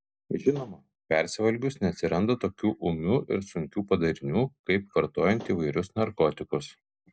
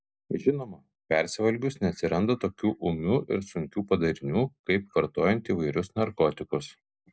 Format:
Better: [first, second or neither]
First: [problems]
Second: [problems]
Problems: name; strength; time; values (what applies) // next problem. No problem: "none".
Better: second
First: background sound (Slam / Wood); 19 dB below the speech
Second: none